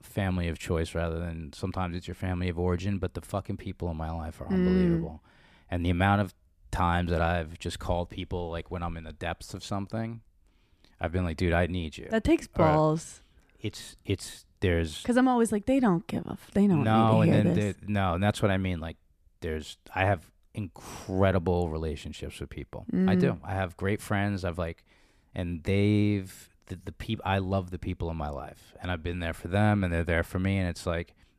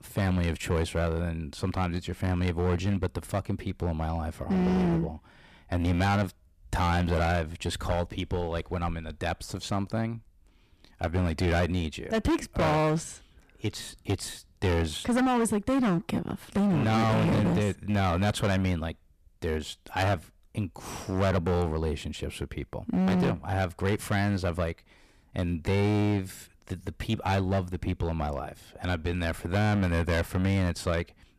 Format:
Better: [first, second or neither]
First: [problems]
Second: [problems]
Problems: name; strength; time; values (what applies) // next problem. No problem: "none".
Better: first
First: none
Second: distortion; heavy; 13% of the sound clipped